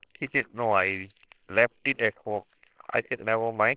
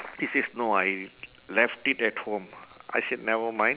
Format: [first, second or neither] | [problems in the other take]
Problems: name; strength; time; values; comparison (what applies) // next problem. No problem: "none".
second | noise reduction (neural separator model SepFormer WHAMR!)